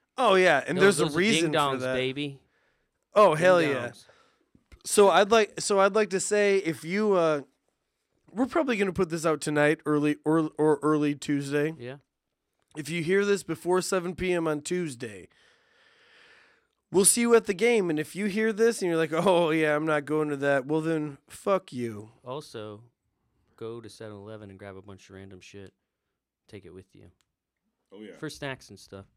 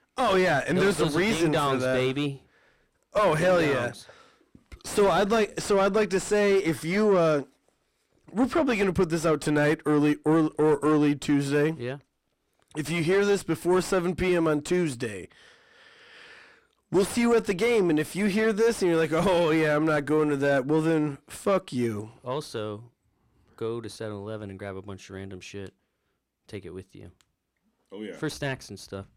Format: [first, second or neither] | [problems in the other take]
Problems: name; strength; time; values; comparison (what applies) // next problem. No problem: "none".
first | distortion; heavy; 6 dB below the speech